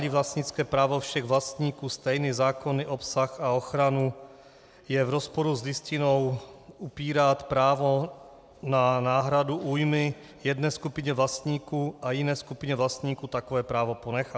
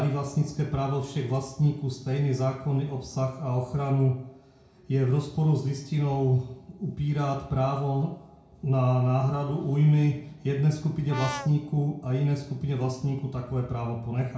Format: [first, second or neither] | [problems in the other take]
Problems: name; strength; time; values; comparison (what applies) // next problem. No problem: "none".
first | background sound (Brass instrument); 10 dB below the speech // room echo; dies away in 0.6 s